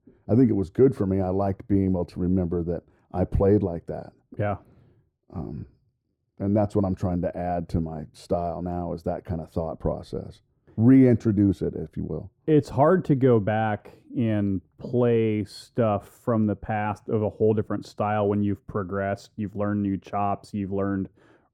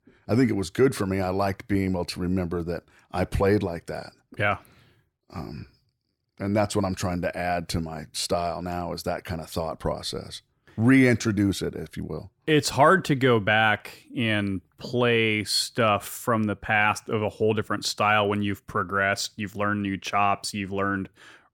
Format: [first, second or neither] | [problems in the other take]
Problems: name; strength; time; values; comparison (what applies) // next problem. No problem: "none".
second | muffled; very; fading above 1 kHz